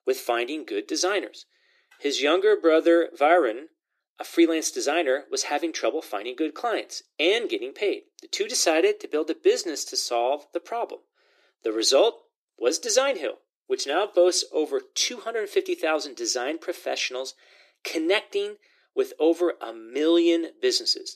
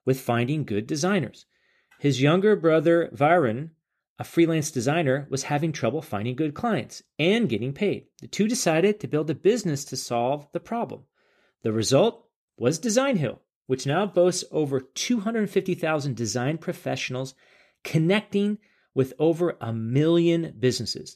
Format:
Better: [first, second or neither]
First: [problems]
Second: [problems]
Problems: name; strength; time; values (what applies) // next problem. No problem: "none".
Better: second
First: thin; very; fading below 300 Hz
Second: none